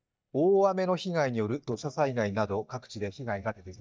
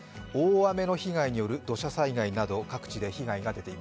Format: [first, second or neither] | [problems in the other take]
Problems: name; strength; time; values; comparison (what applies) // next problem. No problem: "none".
second | noise reduction (neural mask model DeepFilterNet 3)